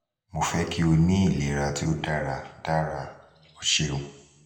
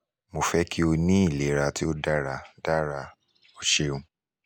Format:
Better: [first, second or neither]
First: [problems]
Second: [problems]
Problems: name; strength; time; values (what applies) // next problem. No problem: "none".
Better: second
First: room echo; dies away in 0.9 s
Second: none